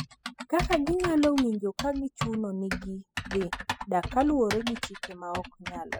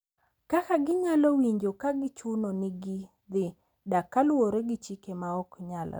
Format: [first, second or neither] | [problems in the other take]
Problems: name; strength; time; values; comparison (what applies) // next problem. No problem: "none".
second | noise reduction (classical method spectral subtraction)